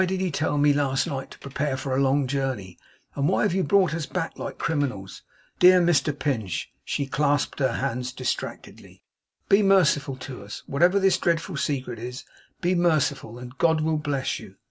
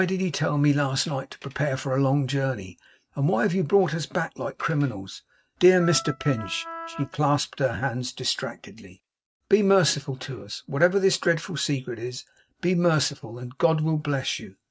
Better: first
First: none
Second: noise reduction (neural mask model RNNoise)

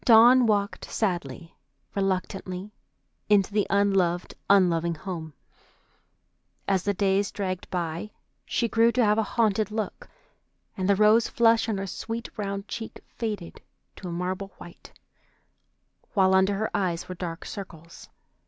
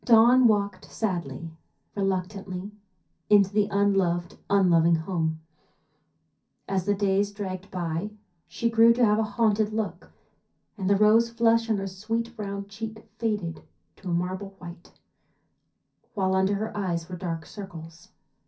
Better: first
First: none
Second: room echo; dies away in 0.3 s

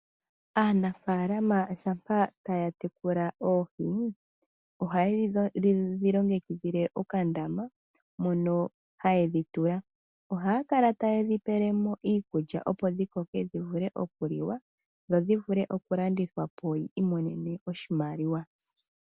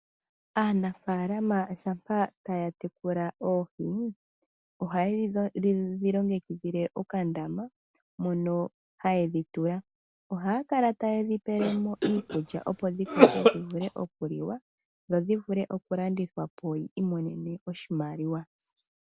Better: first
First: none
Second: background sound (Cough); 4 dB above the speech

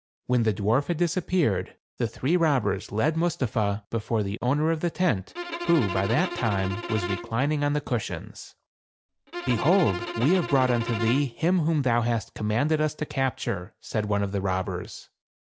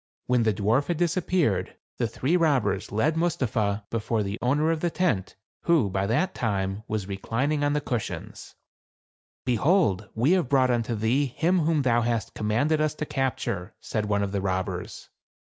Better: second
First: background sound (Bowed string instrument); 8 dB below the speech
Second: none

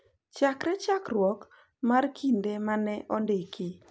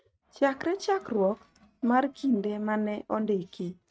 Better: first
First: none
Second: noise reduction (neural mask model RNNoise)

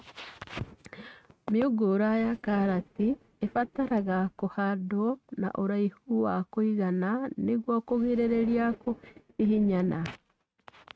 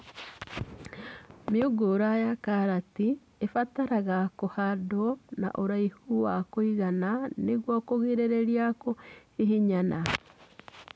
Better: second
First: noise reduction (neural mask model RNNoise)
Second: none

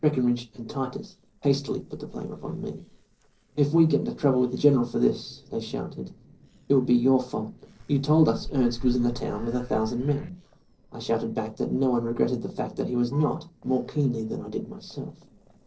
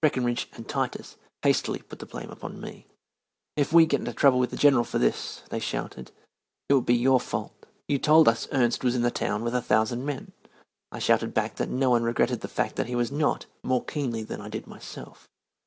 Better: second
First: noise reduction (neural separator model SepFormer DNS4)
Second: none

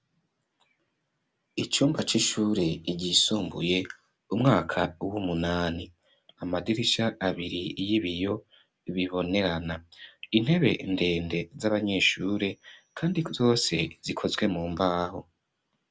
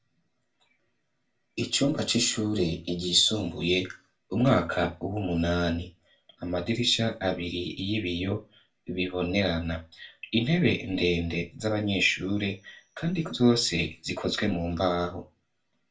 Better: first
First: none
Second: room echo; dies away in 0.2 s

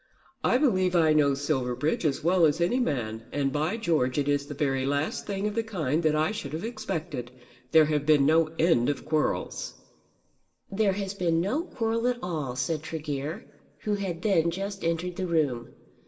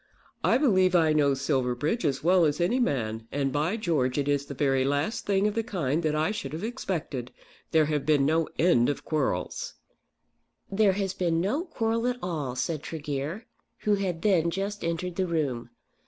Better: second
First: room echo; dies away in 0.6 s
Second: none

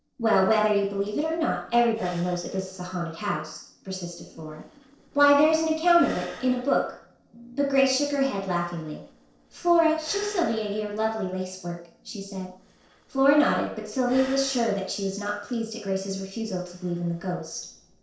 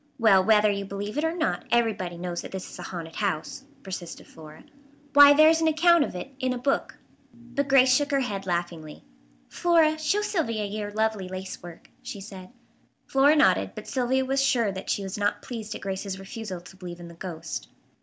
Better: second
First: noise reduction (neural separator model SepFormer DNS4)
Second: none

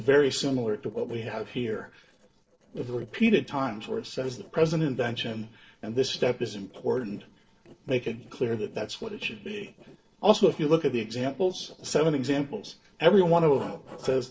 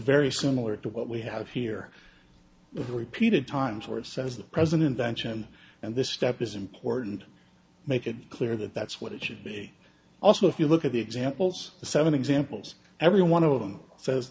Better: second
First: noise reduction (neural separator model SepFormer DNS4)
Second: none

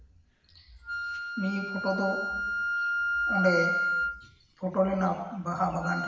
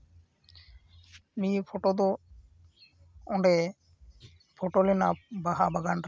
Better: second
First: background sound (Wind instrument, woodwind instrument); 1 dB below the speech // room echo; dies away in 1 s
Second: none

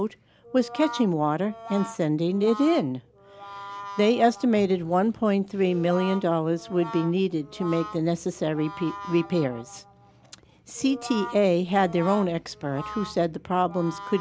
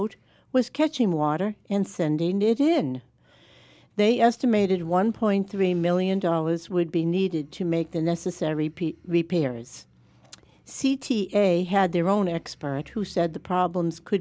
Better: second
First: background sound (Brass instrument); 15 dB below the speech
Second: none

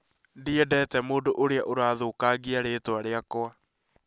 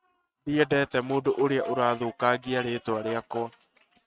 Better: first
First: none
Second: noise reduction (neural mask model RNNoise)

